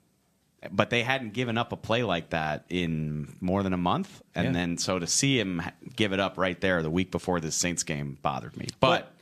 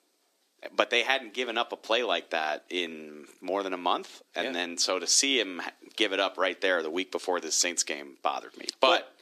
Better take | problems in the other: first | thin; somewhat; fading below 300 Hz

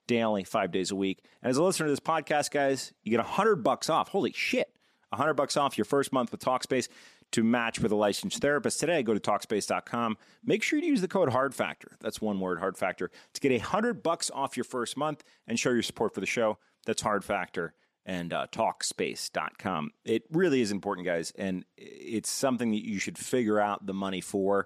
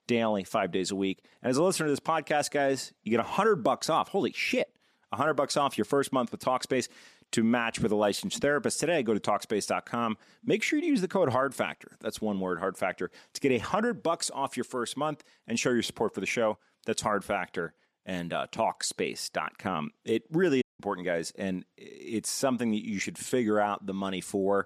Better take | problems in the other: first | audio cutting out; at 21 s

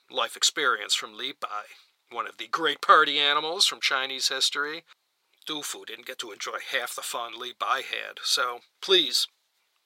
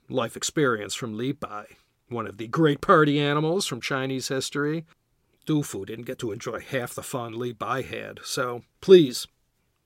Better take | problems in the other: second | thin; very; fading below 850 Hz

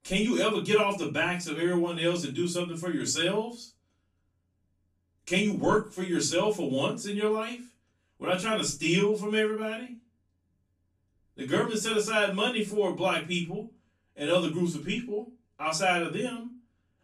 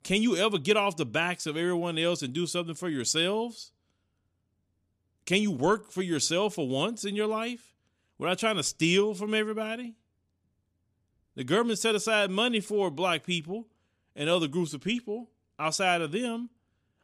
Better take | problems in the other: second | off-mic speech; far // room echo; slight; dies away in 0.3 s

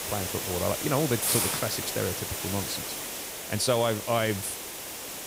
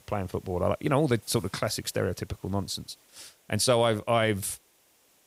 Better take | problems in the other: second | hiss; loud; throughout; 1 dB below the speech; faint in the second

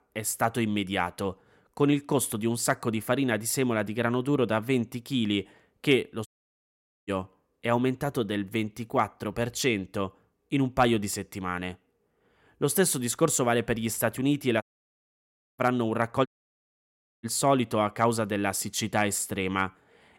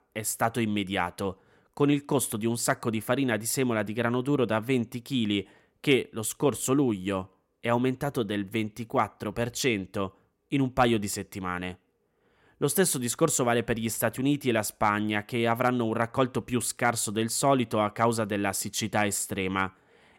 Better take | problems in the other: second | audio cutting out; at 6.5 s for 1 s, at 15 s for 1 s and at 16 s for 1 s

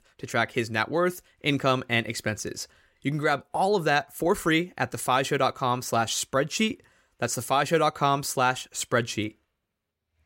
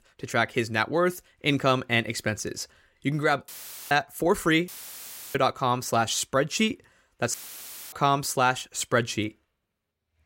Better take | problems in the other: first | audio cutting out; filled with static; at 3.5 s, at 4.5 s for 0.5 s and at 7.5 s for 0.5 s

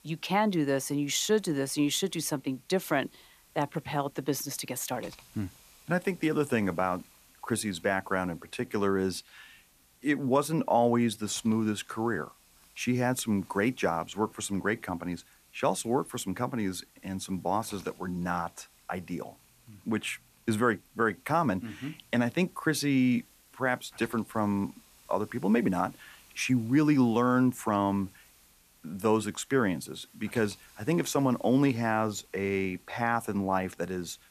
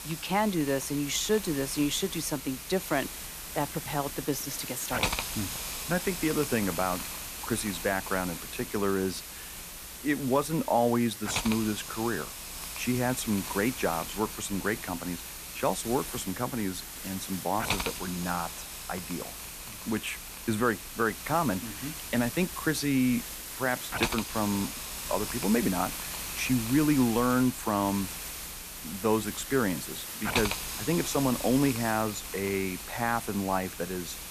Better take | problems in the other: first | hiss; loud; throughout; 6 dB below the speech; faint in the first

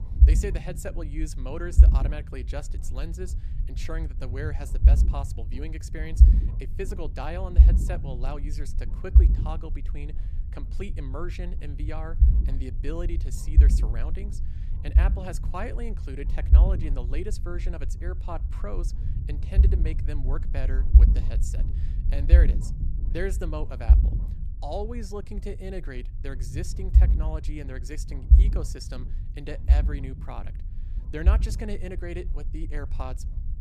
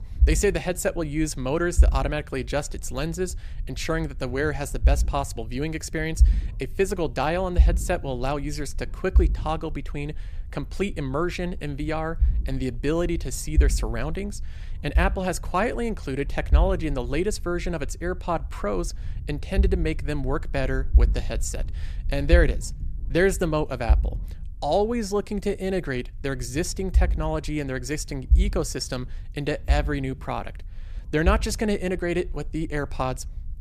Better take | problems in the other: second | low rumble; loud; throughout; 5 dB below the speech; faint in the second

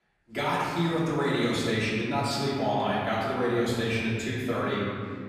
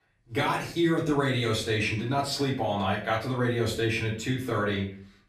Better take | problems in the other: second | room echo; strong; dies away in 2.2 s; slight in the second // off-mic speech; far; far in the second

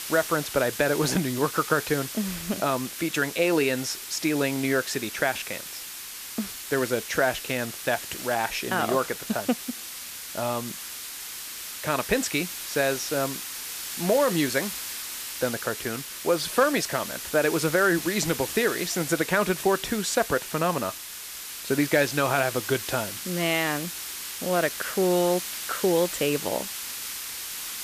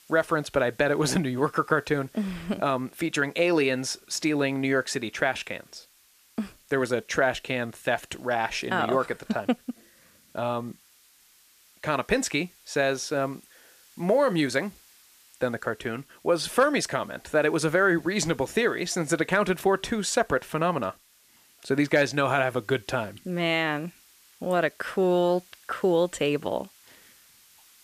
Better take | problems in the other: second | hiss; loud; throughout; 7 dB below the speech; faint in the second

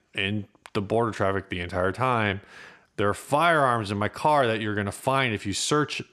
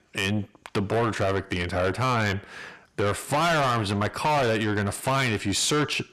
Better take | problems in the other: first | distortion; heavy; 6 dB below the speech

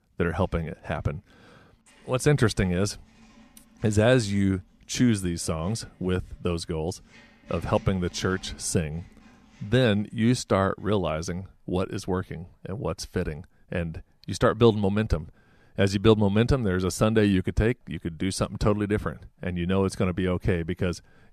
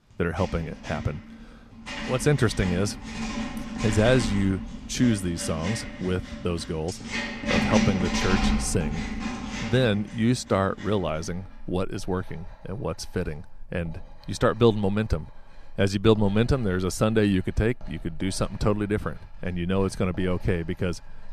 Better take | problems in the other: first | household noises; loud; throughout; 5 dB below the speech; faint in the first

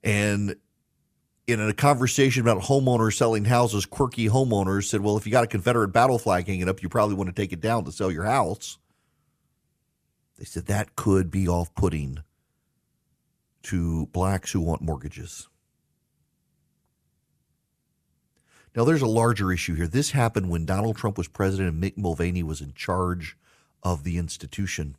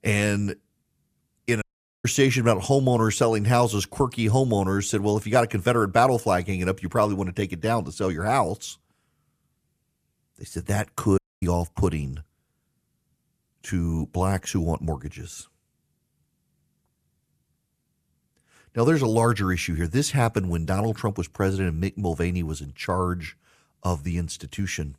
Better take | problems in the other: first | audio cutting out; at 1.5 s and at 11 s

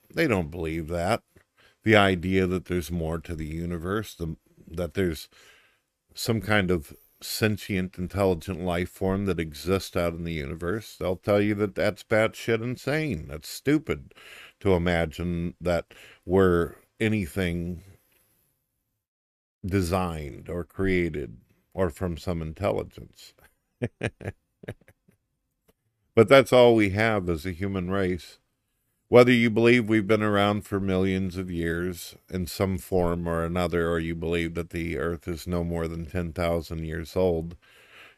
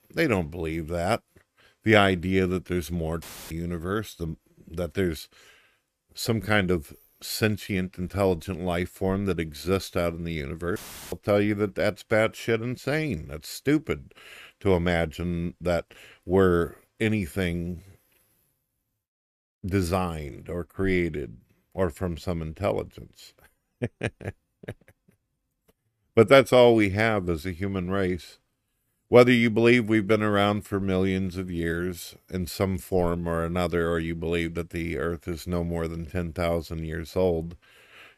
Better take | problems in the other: first | audio cutting out; filled with static; at 3 s and at 11 s

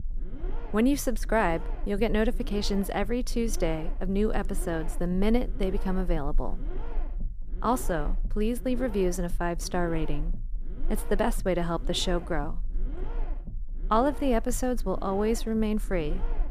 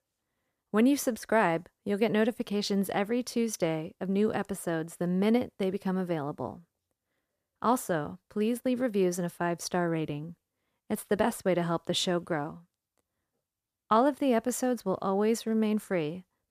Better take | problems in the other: second | low rumble; noticeable; throughout; 20 dB below the speech

